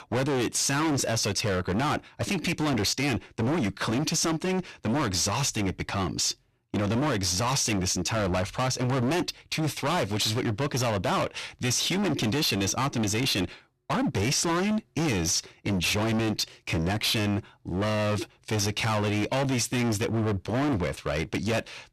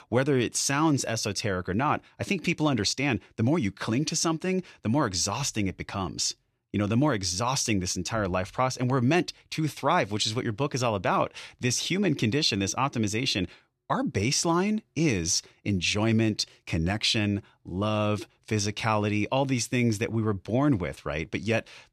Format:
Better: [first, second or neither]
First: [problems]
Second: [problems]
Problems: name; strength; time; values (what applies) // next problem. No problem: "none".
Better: second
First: distortion; heavy; 31% of the sound clipped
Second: none